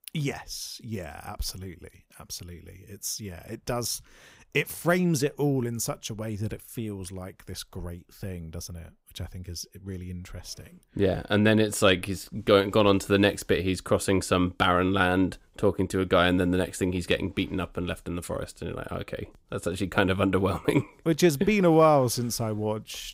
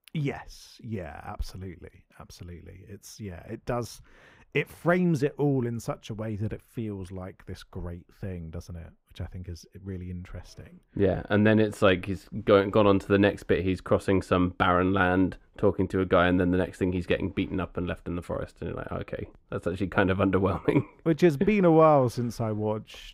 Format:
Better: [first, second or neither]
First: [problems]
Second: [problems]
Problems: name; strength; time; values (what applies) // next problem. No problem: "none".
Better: first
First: none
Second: muffled; slightly; fading above 3.5 kHz